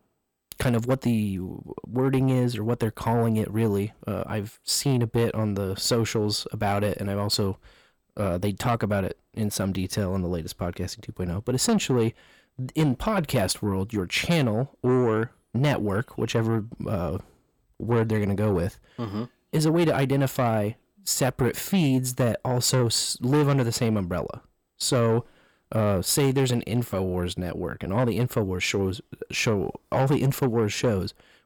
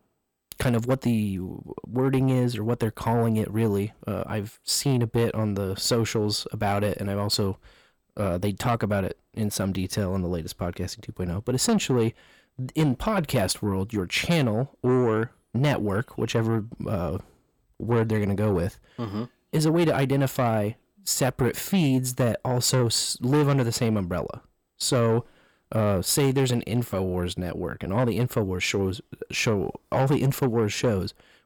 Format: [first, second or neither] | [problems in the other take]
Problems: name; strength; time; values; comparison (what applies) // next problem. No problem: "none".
neither | distortion; slight; 10 dB below the speech; the same in both